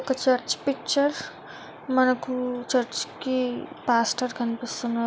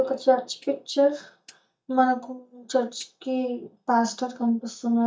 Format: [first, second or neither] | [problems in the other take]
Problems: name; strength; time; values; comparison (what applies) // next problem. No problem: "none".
first | noise reduction (neural mask model DeepFilterNet 3)